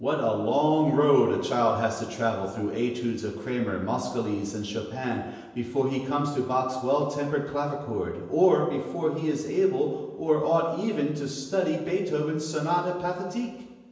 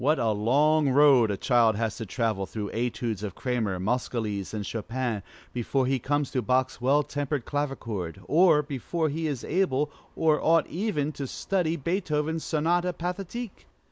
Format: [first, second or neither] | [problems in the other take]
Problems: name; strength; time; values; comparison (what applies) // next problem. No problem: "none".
second | room echo; dies away in 1 s